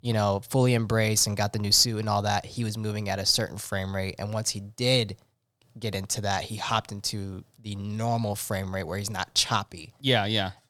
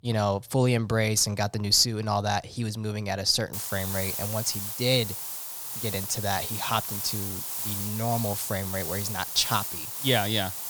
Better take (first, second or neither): first